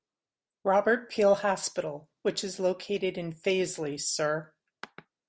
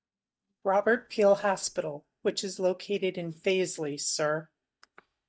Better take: first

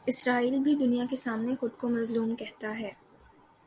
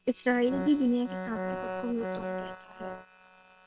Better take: first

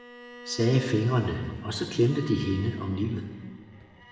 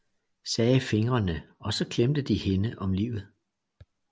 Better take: second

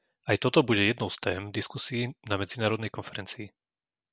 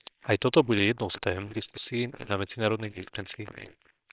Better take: first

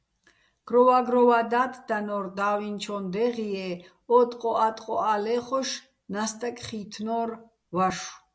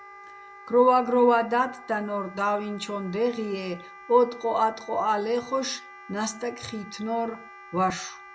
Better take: first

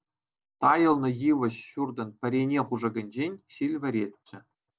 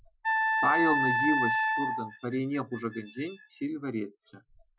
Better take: first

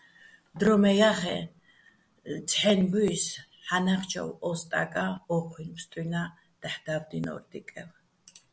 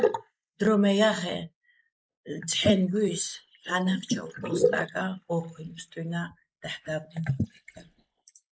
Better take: first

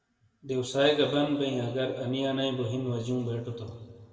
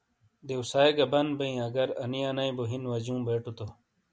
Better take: second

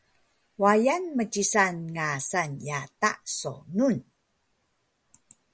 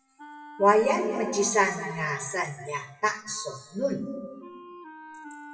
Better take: first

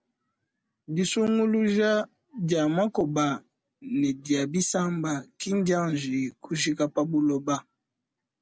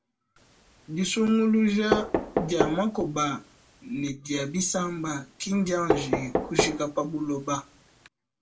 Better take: first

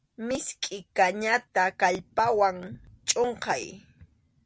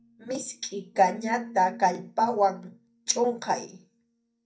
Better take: first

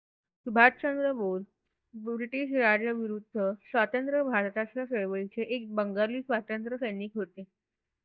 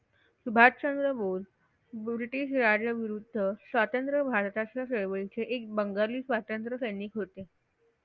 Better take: second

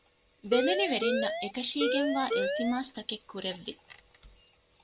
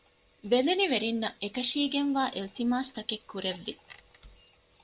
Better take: second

